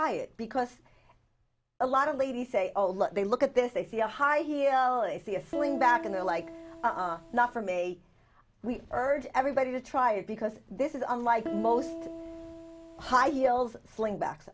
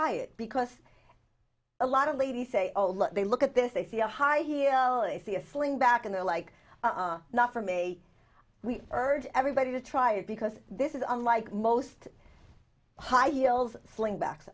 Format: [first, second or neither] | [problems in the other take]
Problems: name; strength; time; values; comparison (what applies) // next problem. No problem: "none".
second | background sound (Piano); 10 dB below the speech